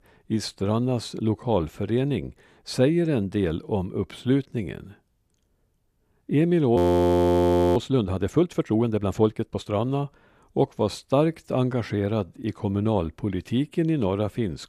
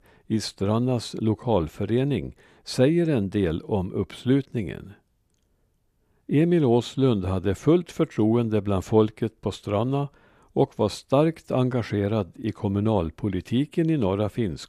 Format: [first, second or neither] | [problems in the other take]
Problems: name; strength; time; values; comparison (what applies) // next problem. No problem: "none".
second | audio freezing; at 7 s for 1 s